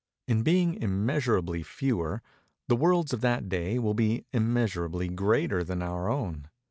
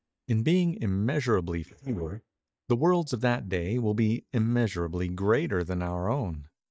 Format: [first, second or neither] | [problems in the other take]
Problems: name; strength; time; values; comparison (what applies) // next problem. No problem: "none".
first | noise reduction (neural mask model DeepFilterNet 3)